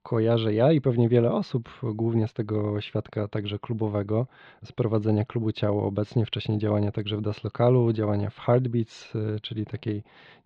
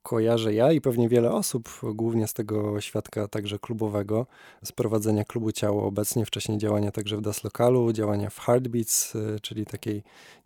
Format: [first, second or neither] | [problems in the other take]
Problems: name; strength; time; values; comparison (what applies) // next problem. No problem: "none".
second | muffled; very; fading above 4 kHz